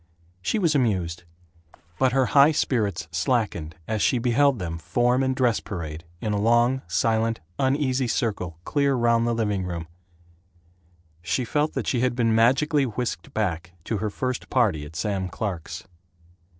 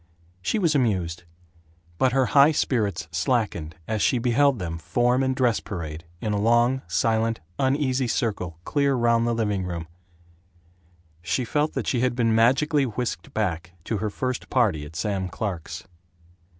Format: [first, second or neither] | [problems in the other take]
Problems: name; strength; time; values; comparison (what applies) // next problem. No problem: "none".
second | noise reduction (neural separator model SepFormer DNS4)